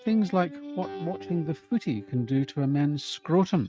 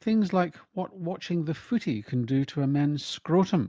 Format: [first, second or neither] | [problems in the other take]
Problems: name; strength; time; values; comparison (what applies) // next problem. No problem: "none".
second | noise reduction (neural mask model RNNoise)